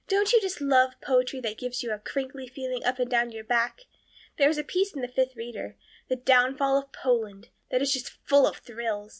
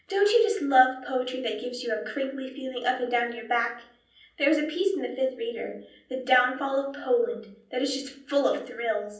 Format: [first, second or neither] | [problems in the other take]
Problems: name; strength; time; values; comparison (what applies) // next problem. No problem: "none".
first | room echo; dies away in 0.6 s